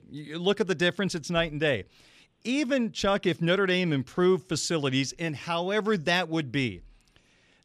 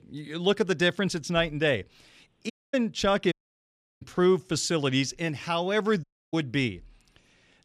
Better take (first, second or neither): first